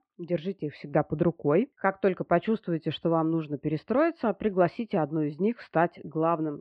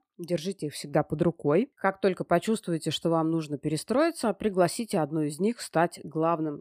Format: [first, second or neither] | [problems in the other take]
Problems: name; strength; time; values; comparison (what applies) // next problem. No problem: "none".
second | muffled; very; fading above 3 kHz